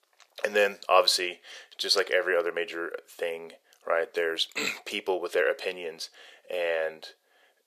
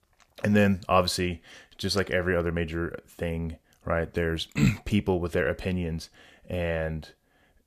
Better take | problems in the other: second | thin; very; fading below 450 Hz

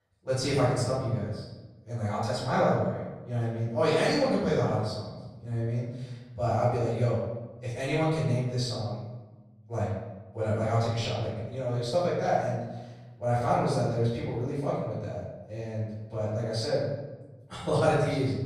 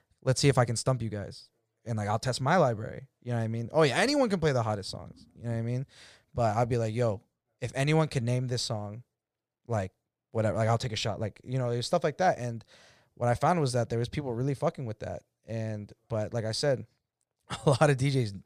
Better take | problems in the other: second | off-mic speech; far // room echo; noticeable; dies away in 1 s

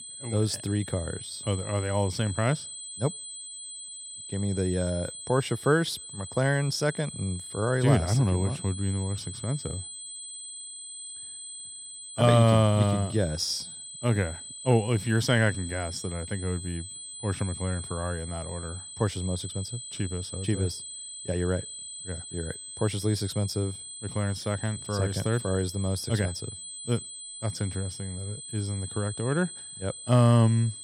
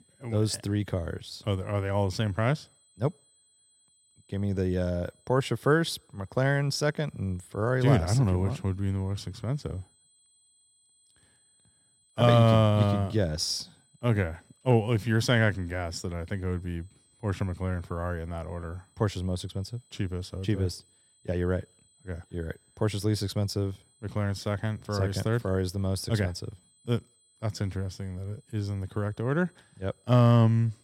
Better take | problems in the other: second | high-pitched whine; loud; throughout; 8 kHz, 10 dB below the speech; faint in the second

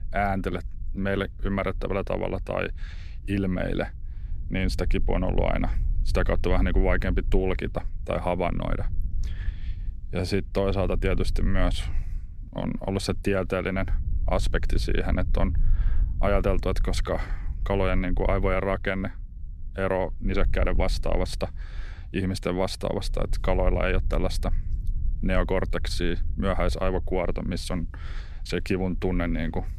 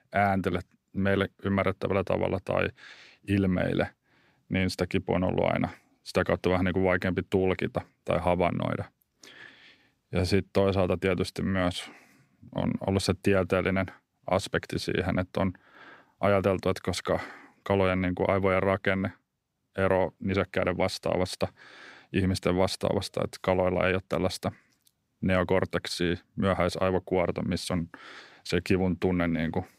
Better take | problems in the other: second | low rumble; faint; throughout; 25 dB below the speech

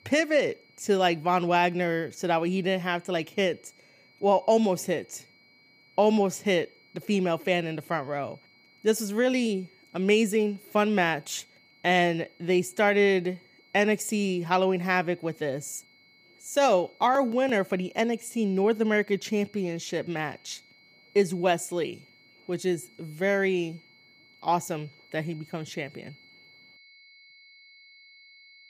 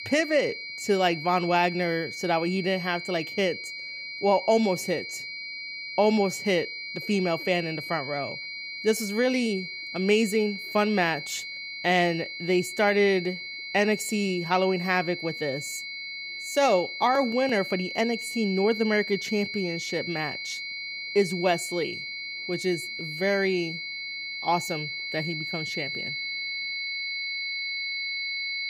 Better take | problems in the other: first | high-pitched whine; loud; throughout; 2 kHz, 6 dB below the speech; faint in the first

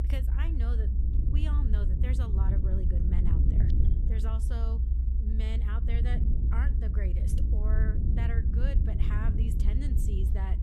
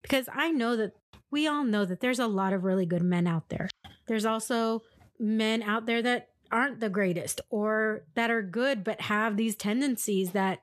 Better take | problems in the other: second | low rumble; loud; throughout; 1 dB below the speech

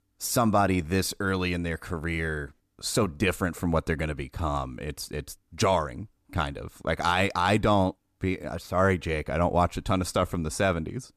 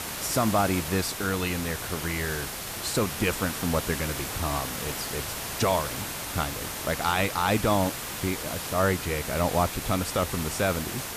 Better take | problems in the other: first | hiss; loud; throughout; 4 dB below the speech

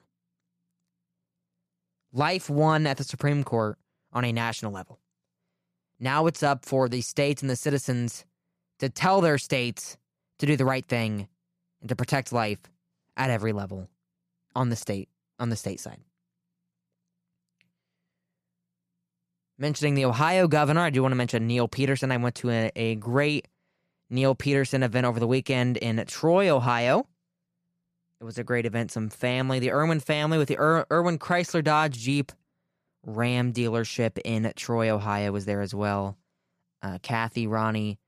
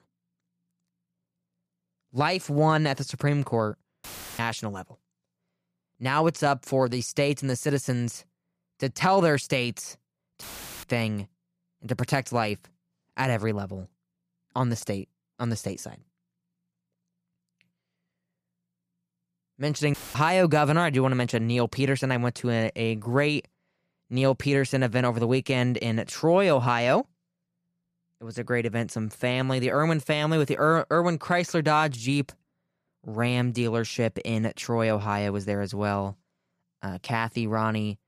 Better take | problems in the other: first | audio cutting out; filled with static; at 4 s, at 10 s and at 20 s

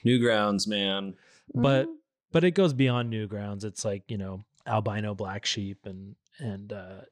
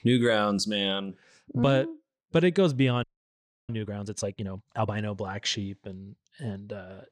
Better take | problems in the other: first | audio freezing; at 3 s for 0.5 s

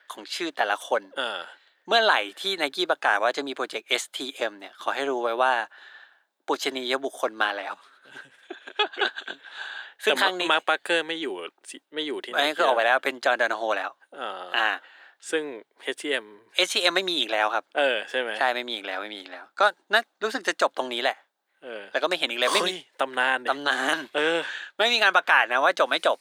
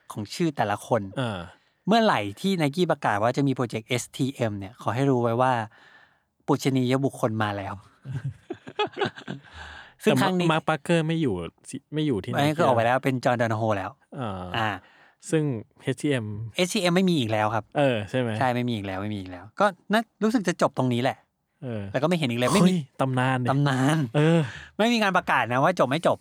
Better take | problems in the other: second | thin; very; fading below 350 Hz

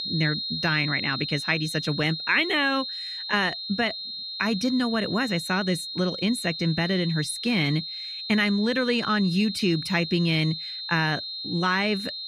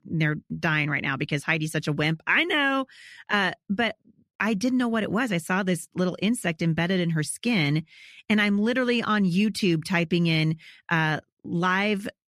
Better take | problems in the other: second | high-pitched whine; loud; throughout; 4 kHz, 6 dB below the speech

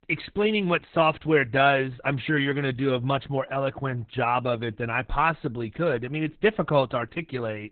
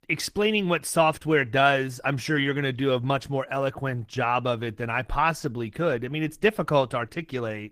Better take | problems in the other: second | garbled, watery; badly; nothing above 3.5 kHz; slightly in the second

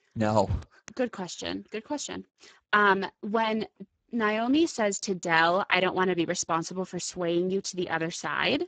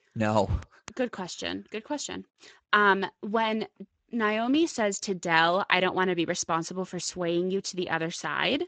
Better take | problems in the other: second | garbled, watery; badly; nothing above 7.5 kHz; slightly in the second

